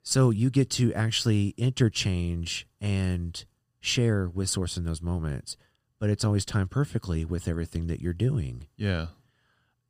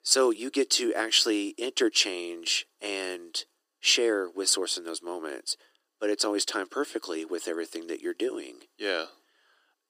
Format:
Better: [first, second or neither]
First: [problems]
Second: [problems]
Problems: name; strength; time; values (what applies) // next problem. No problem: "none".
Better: first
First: none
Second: thin; very; fading below 300 Hz